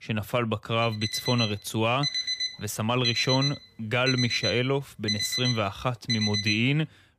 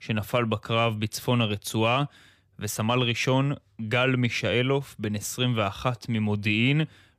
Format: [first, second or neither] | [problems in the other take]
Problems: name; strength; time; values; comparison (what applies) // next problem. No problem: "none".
second | alarm; loud; from 1 to 6.5 s; peak 2 dB above the speech